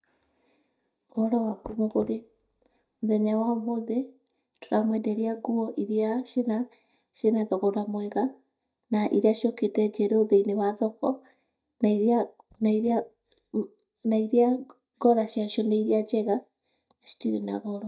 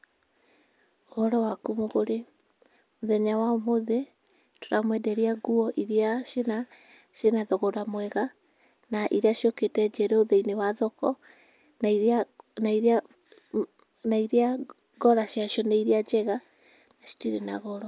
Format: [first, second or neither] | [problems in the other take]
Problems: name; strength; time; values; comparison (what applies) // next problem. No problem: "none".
second | noise reduction (neural mask model DeepFilterNet 3)